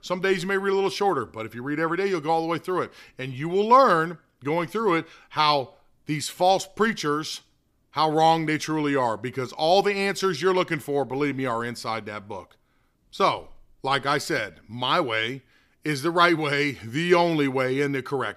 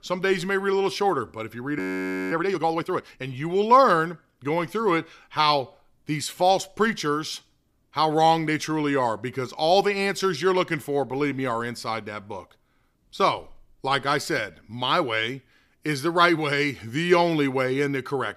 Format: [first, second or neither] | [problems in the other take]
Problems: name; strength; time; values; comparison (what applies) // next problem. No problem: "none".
first | audio freezing; at 2 s for 0.5 s